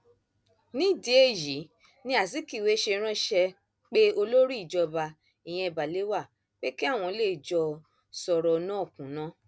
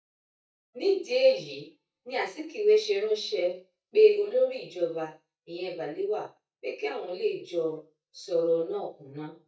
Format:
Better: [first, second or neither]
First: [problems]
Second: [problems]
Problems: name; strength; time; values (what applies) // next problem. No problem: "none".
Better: first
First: none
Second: noise reduction (neural mask model DeepFilterNet 3)